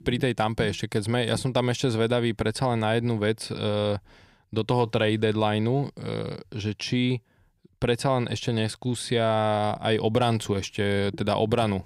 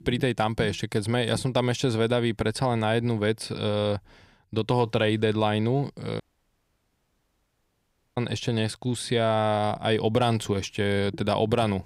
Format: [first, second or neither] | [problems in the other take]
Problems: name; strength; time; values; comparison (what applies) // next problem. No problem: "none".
first | audio cutting out; at 6 s for 2 s